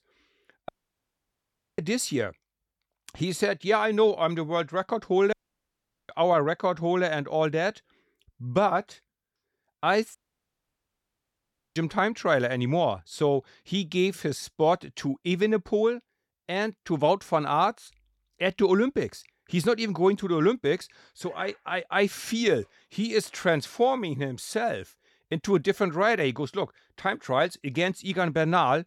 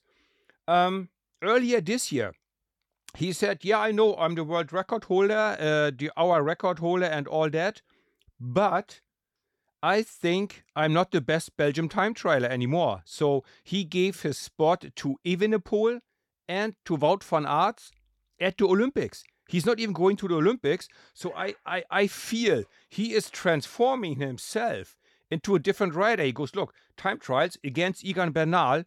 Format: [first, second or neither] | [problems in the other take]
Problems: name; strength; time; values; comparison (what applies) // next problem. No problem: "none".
second | audio cutting out; at 0.5 s for 1 s, at 5.5 s for 1 s and at 10 s for 1.5 s